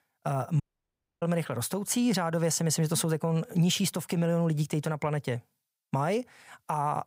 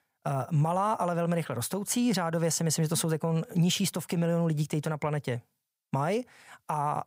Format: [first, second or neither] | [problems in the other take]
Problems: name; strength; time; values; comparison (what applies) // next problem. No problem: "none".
second | audio cutting out; at 0.5 s for 0.5 s